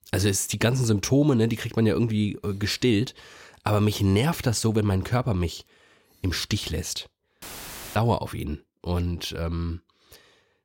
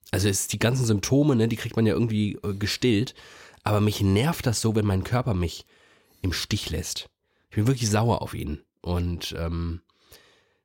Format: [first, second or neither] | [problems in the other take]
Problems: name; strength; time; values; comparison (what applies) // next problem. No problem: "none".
second | audio cutting out; filled with static; at 7.5 s for 0.5 s